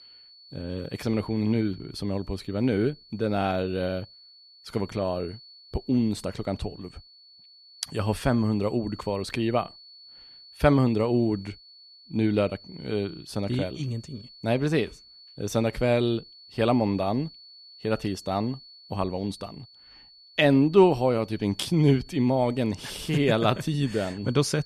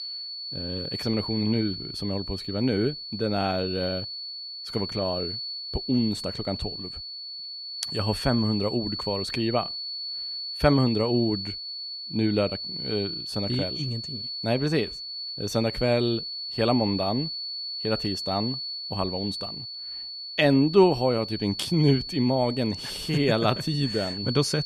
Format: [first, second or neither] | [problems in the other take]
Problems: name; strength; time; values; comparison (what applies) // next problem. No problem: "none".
first | high-pitched whine; loud; throughout; 4.5 kHz, 6 dB below the speech; faint in the first